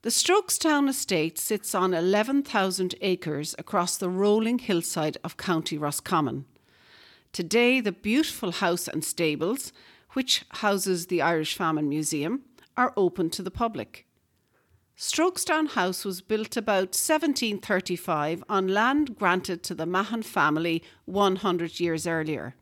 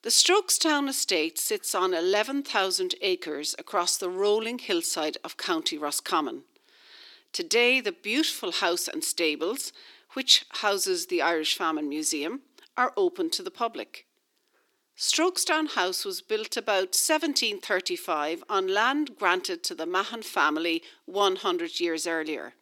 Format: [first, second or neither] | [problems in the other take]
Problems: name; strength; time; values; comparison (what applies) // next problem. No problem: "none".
first | thin; very slightly; fading below 300 Hz